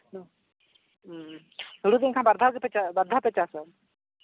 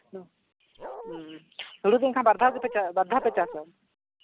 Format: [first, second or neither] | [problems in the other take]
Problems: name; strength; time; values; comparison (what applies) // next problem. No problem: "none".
first | background sound (Bark); 13 dB below the speech